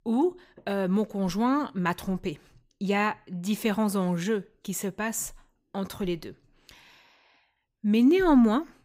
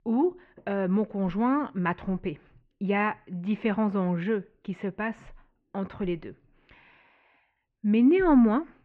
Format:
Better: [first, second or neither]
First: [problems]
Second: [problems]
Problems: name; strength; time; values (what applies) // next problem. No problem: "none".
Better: first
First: none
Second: muffled; very; fading above 2.5 kHz